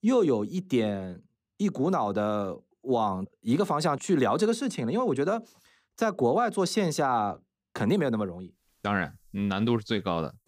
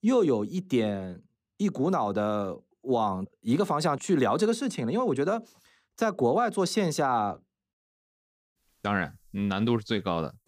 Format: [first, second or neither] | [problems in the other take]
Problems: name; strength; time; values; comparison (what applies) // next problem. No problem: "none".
first | audio cutting out; at 7.5 s for 1 s